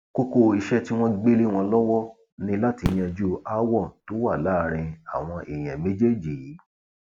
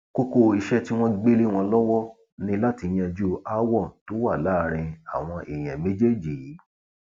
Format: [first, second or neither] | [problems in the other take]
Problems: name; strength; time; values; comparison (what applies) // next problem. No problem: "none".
second | background sound (Fireworks); 14 dB below the speech